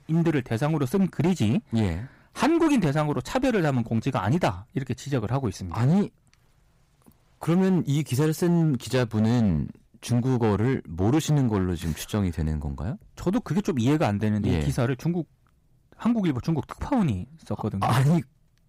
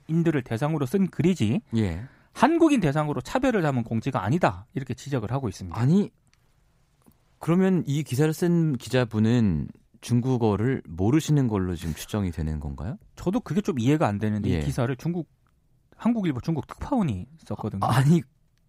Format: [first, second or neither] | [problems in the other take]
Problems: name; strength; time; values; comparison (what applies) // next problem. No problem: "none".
second | distortion; slight; 8% of the sound clipped